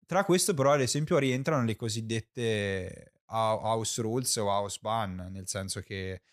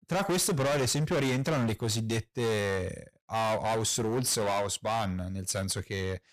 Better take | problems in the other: first | distortion; heavy; 23% of the sound clipped

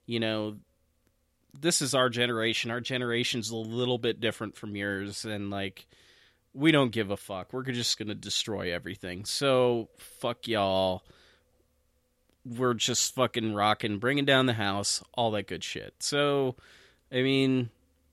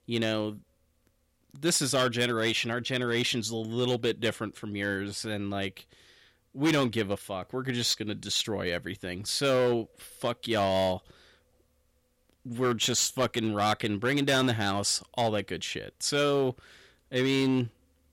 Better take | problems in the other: first | distortion; slight; 4% of the sound clipped

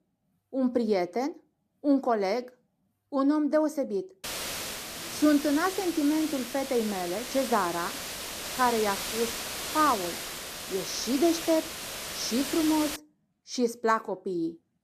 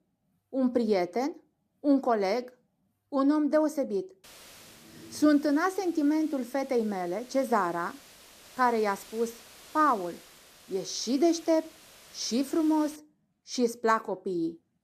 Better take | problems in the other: second | hiss; loud; from 4 to 13 s; 6 dB below the speech; faint in the second

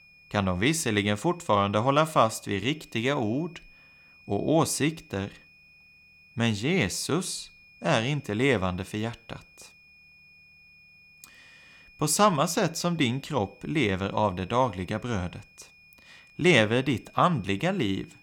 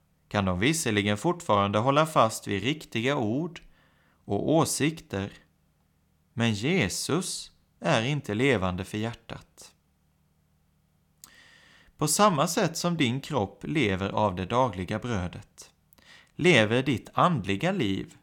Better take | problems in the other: second | high-pitched whine; faint; throughout; 2.5 kHz, 25 dB below the speech

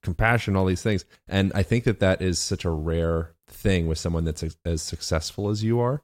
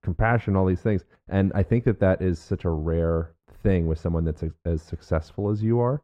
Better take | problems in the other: first | muffled; very; fading above 2.5 kHz

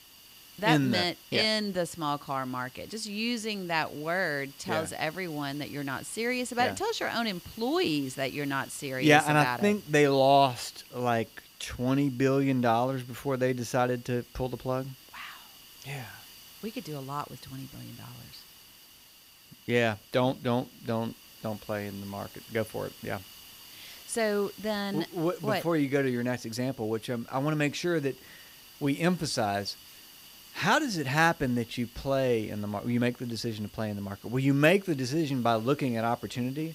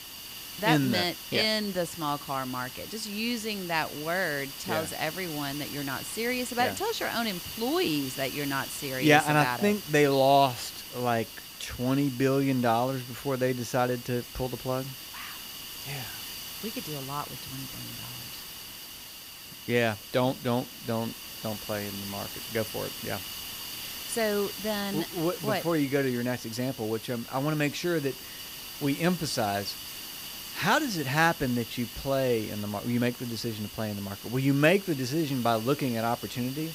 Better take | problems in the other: first | hiss; loud; throughout; 10 dB below the speech; faint in the first

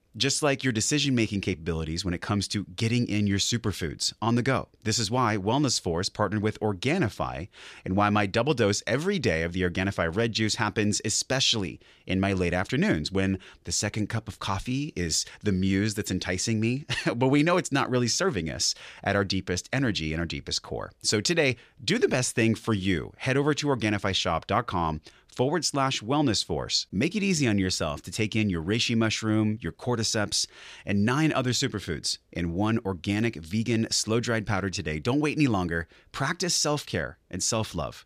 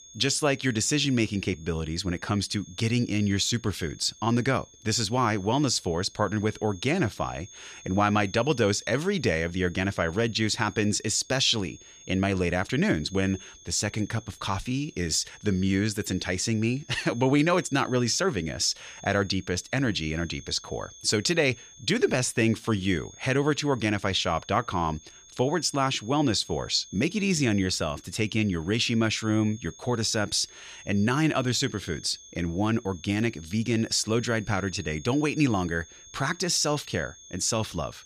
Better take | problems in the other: first | high-pitched whine; faint; throughout; 6.5 kHz, 20 dB below the speech

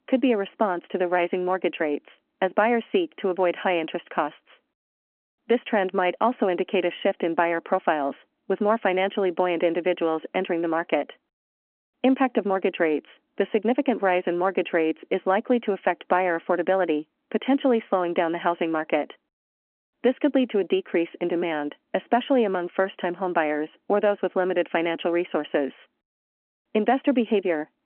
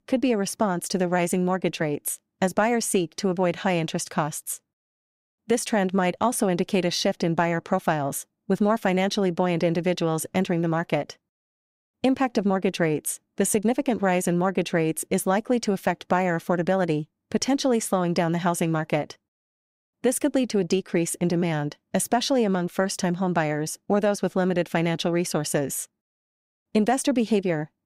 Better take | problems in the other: second | phone-call audio

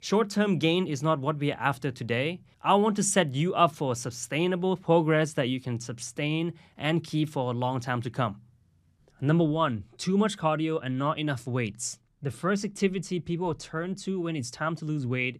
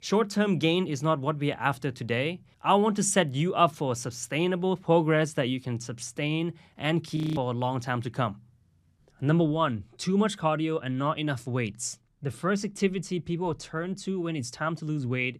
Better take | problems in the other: first | audio freezing; at 7 s

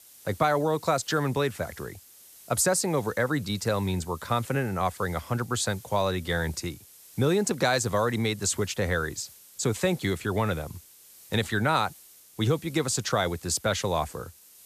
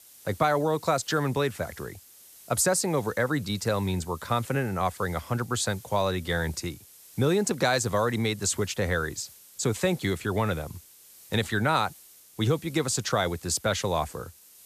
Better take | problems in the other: neither | hiss; faint; throughout; 20 dB below the speech; the same in both

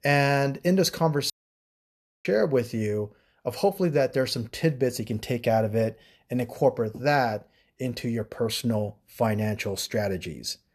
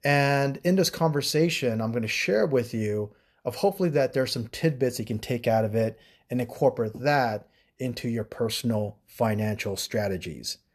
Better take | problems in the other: second | audio cutting out; at 1.5 s for 1 s

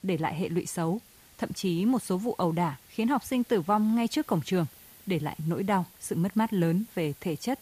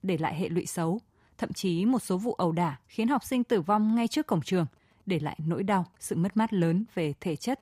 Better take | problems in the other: second | hiss; faint; throughout; 25 dB below the speech

